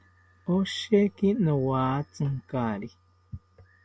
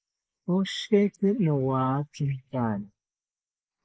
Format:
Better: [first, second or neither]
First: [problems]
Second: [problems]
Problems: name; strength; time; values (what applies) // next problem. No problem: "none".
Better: first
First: none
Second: noise reduction (neural mask model Resemble Enhance denoiser)